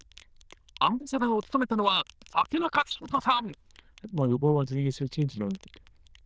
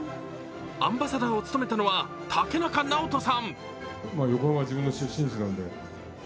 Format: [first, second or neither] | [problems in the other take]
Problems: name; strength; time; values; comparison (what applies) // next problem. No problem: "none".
second | noise reduction (neural diffusion model UNIVERSE++)